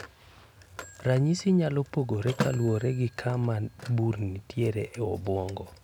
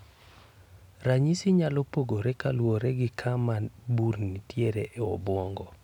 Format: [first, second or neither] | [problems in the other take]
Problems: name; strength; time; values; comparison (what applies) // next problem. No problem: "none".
second | background sound (Telephone); 14 dB below the speech